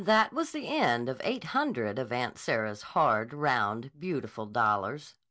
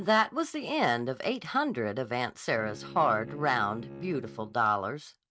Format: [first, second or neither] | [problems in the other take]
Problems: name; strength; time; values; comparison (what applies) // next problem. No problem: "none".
first | noise reduction (neural mask model RNNoise)